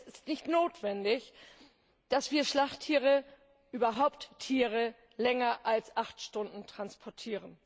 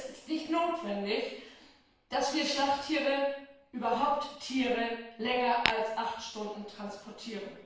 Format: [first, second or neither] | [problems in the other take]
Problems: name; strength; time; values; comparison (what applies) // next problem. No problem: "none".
first | background sound (Tap / Glass); 3 dB below the speech // room echo; dies away in 0.7 s